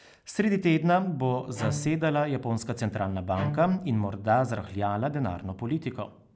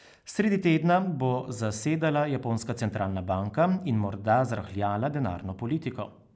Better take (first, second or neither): second